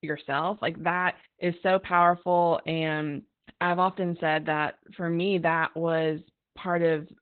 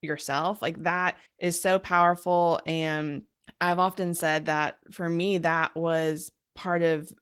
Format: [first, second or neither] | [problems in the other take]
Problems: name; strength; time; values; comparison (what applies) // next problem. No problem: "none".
second | garbled, watery; badly; nothing above 4 kHz; slightly in the second